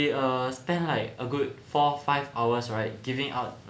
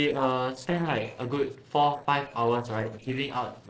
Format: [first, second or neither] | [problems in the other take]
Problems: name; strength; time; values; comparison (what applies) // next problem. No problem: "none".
first | noise reduction (neural separator model SepFormer DNS4)